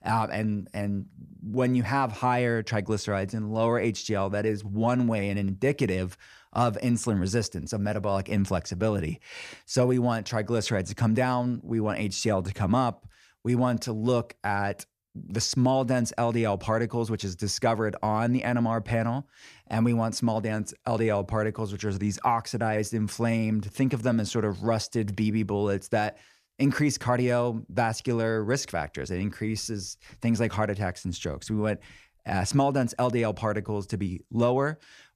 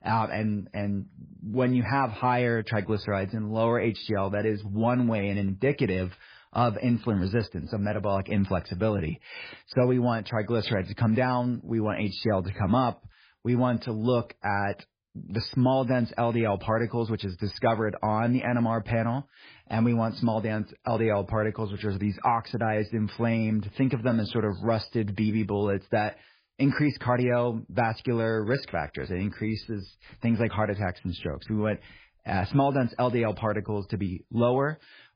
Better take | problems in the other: first | garbled, watery; badly; nothing above 5 kHz

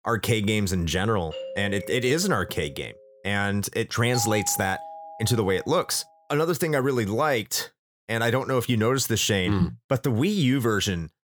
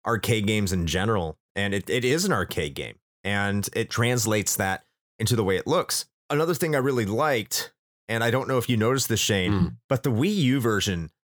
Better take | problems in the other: second | doorbell; faint; from 1.5 to 3 s; peak 10 dB below the speech // doorbell; noticeable; from 4 to 5.5 s; peak 8 dB below the speech

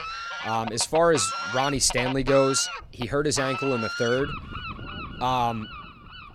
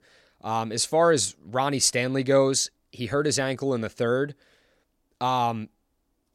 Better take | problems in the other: second | animal sounds; loud; throughout; 8 dB below the speech

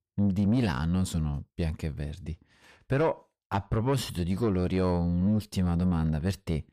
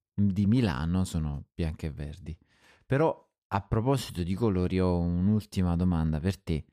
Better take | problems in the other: second | distortion; slight; 10 dB below the speech

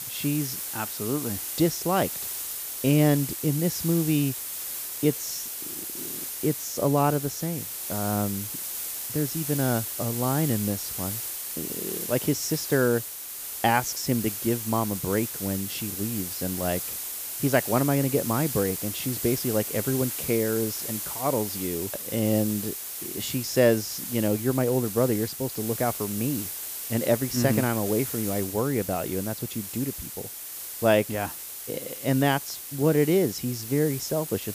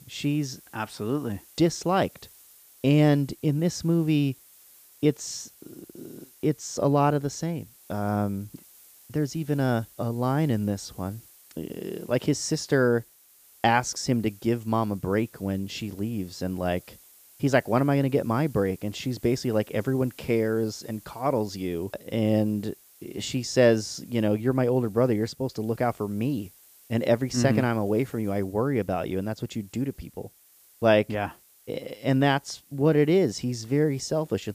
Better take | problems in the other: second | hiss; loud; throughout; 5 dB below the speech; faint in the second

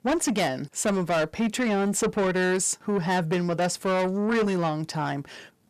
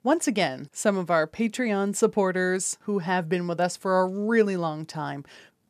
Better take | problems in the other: second | distortion; heavy; 7 dB below the speech

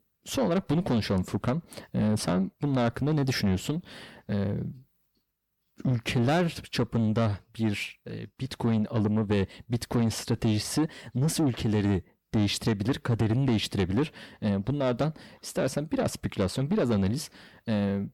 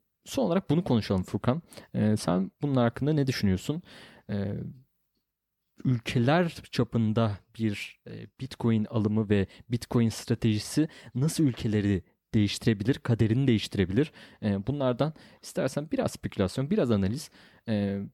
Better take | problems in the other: second | distortion; slight; 10 dB below the speech

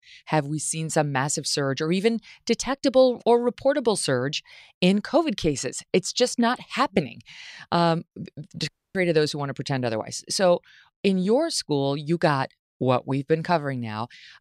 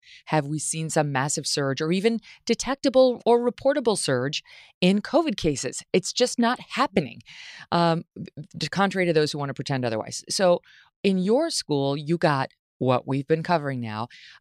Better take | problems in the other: second | audio cutting out; at 8.5 s

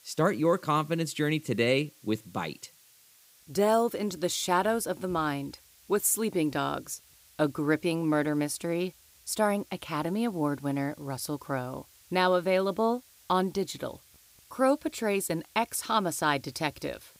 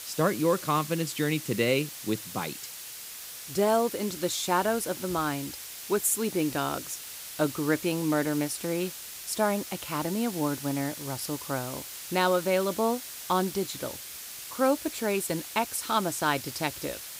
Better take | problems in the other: first | hiss; loud; throughout; 9 dB below the speech; faint in the first

